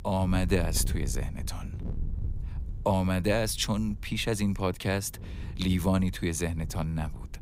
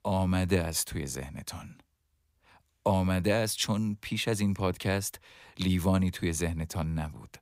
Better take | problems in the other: second | wind noise on the microphone; occasional gusts; 20 dB below the speech

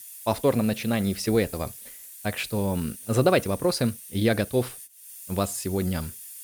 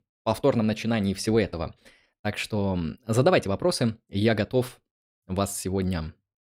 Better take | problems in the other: second | hiss; noticeable; throughout; 15 dB below the speech

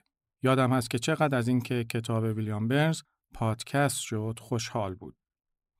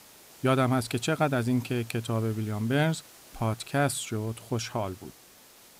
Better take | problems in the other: first | hiss; faint; throughout; 20 dB below the speech

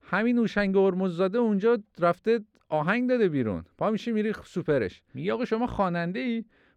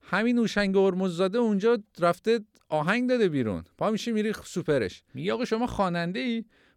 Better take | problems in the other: second | muffled; slightly; fading above 4 kHz

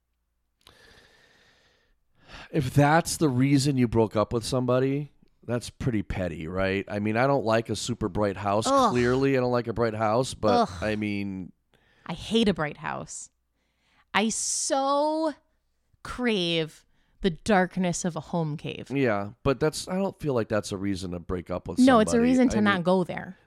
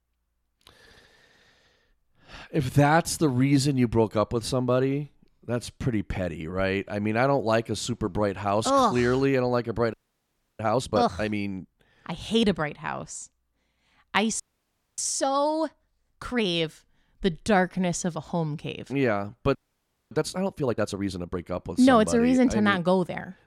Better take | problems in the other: first | audio freezing; at 10 s for 0.5 s, at 14 s for 0.5 s and at 20 s for 0.5 s

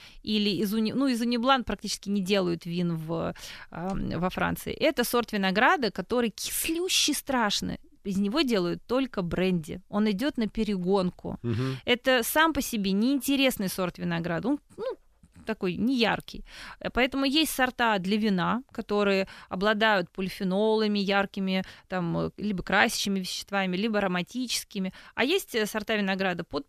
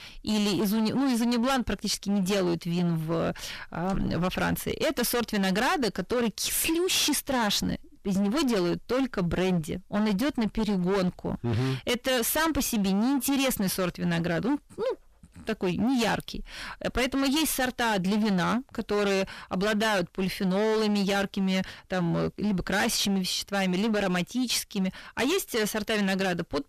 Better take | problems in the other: first | distortion; heavy; 23% of the sound clipped

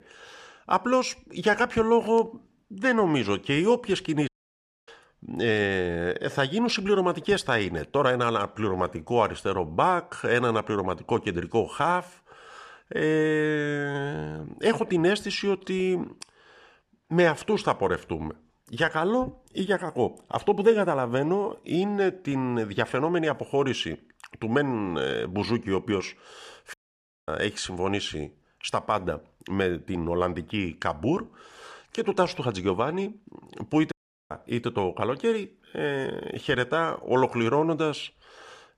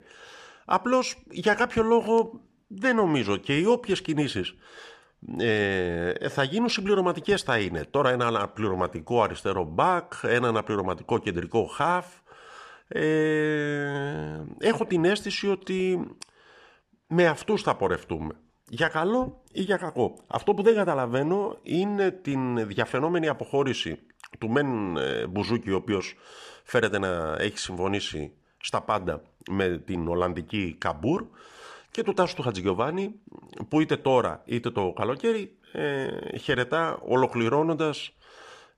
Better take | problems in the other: second | audio cutting out; at 4.5 s for 0.5 s, at 27 s for 0.5 s and at 34 s

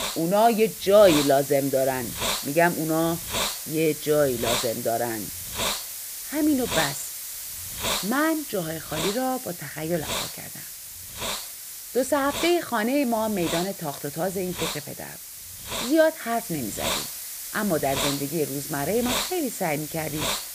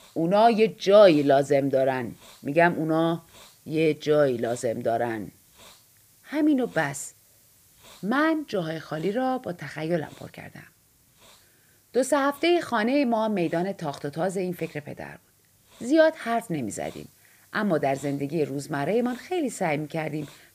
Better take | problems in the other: second | hiss; loud; throughout; 5 dB below the speech; faint in the second

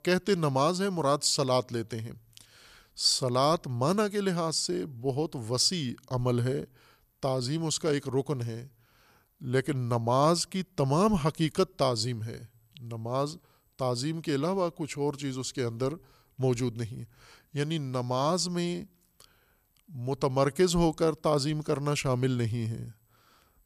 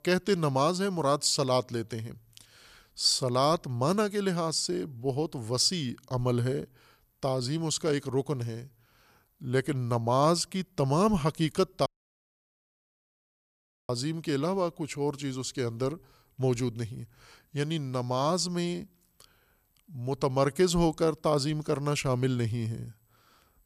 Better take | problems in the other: first | audio cutting out; at 12 s for 2 s

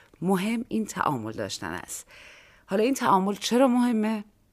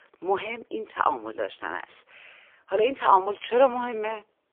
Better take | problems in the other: first | phone-call audio; poor line; nothing above 3.5 kHz

